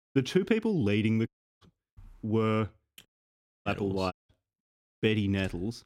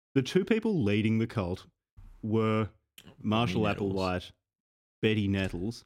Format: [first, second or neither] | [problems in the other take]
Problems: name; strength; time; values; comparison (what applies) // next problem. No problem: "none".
second | audio cutting out; at 1.5 s, at 3 s for 0.5 s and at 4 s